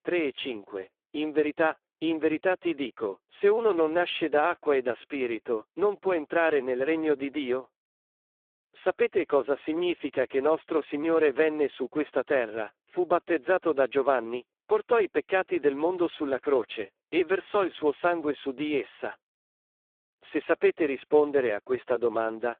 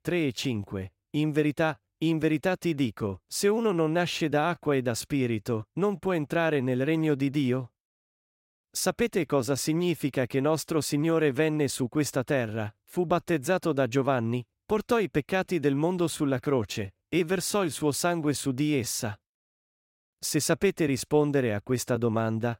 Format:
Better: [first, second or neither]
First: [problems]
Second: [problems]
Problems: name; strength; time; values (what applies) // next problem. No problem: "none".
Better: second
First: phone-call audio; poor line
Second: none